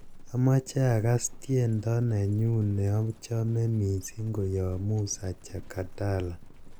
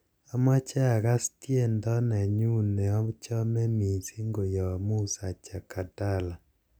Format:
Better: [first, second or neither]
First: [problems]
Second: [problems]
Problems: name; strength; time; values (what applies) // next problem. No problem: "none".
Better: second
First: background sound (Livestock, farm animals, working animals); 16 dB below the speech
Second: none